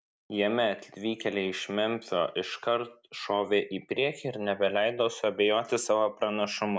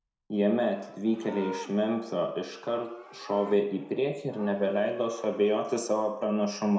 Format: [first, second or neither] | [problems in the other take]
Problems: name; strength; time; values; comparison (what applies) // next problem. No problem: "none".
first | background sound (Livestock, farm animals, working animals); 19 dB below the speech // room echo; dies away in 0.6 s